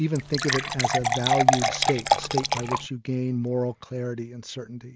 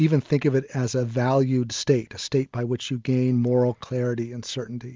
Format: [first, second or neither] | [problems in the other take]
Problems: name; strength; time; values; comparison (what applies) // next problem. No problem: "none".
second | background sound (Fill (with liquid) / Water); 4 dB above the speech